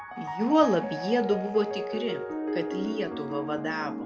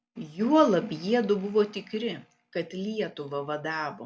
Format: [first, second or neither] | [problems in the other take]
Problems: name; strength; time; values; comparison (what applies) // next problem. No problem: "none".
second | background sound (Piano); 5 dB below the speech